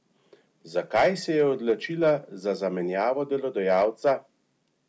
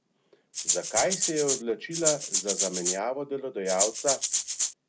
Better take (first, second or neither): first